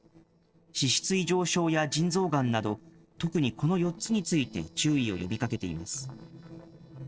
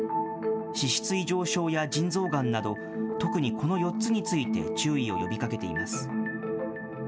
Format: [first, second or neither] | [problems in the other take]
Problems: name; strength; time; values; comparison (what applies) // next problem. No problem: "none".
second | noise reduction (neural separator model SepFormer DNS4)